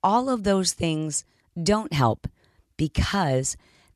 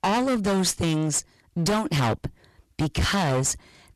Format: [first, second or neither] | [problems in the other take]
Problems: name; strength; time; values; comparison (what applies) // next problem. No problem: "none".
first | distortion; heavy; 24% of the sound clipped